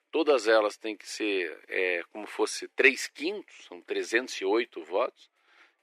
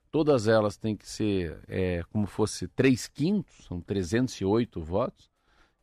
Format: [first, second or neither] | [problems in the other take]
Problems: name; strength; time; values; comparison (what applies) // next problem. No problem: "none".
second | thin; very; fading below 350 Hz